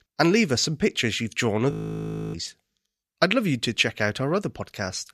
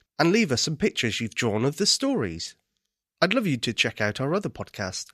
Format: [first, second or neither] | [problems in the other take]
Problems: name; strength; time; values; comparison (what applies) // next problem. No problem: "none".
second | audio freezing; at 1.5 s for 0.5 s